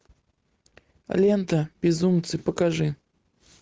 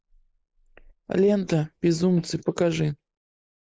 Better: first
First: none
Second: noise reduction (neural mask model Resemble Enhance denoiser)

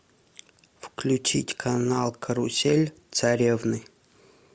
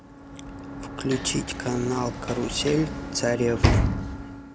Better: first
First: none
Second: background sound (Sliding door / Slam); 1 dB below the speech

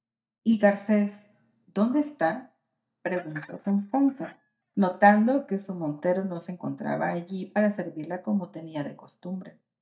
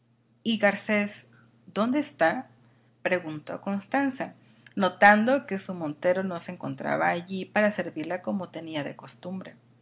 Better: second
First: noise reduction (neural mask model DeepFilterNet 3)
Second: none

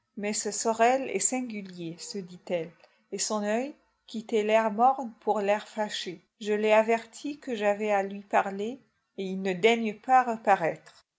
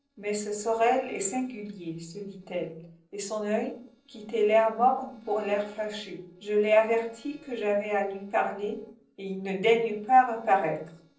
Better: first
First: none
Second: noise reduction (neural separator model SepFormer DNS4)

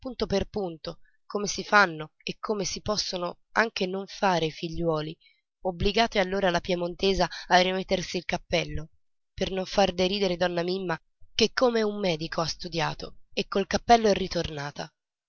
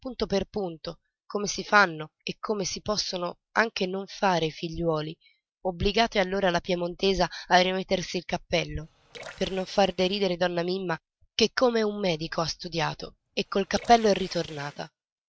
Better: first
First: none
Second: noise reduction (neural mask model RNNoise)

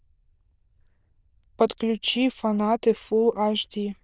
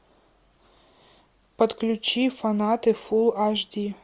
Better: second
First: noise reduction (neural diffusion model UNIVERSE++)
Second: none

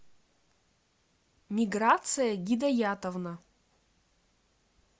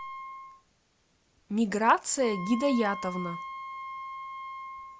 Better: first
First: none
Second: background sound (Wind instrument, woodwind instrument); 10 dB below the speech

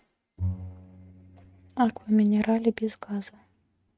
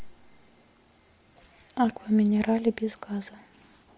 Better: second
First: noise reduction (neural mask model RNNoise)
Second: none

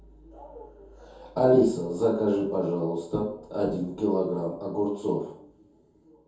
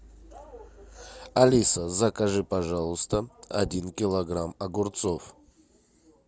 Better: second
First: room echo; dies away in 0.6 s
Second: none

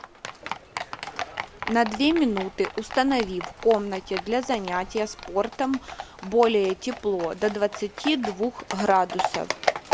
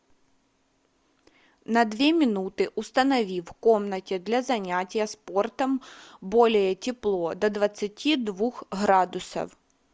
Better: second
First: background sound (Livestock, farm animals, working animals); 8 dB below the speech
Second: none

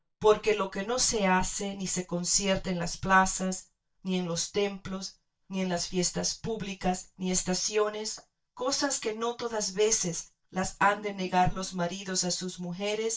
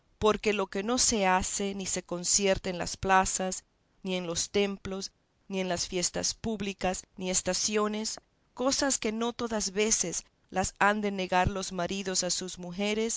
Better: second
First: noise reduction (neural mask model DeepFilterNet 3)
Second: none

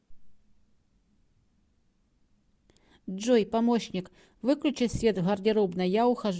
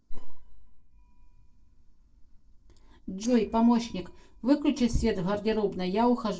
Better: first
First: none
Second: noise reduction (neural separator model SepFormer DNS4)

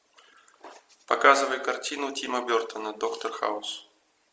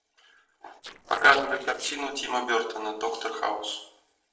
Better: first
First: none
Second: noise reduction (neural separator model SepFormer DNS4)

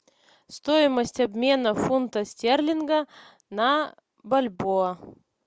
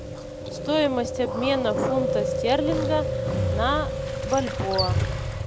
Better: first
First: none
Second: background sound (Motorcycle + Chewing, mastication); as loud as the speech

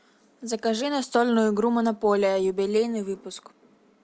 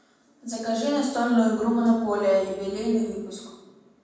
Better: first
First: none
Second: room echo; dies away in 1.1 s

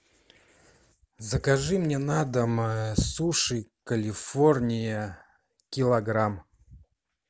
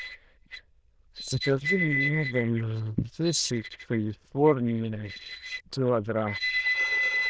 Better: first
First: none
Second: noise reduction (neural diffusion model UNIVERSE++)

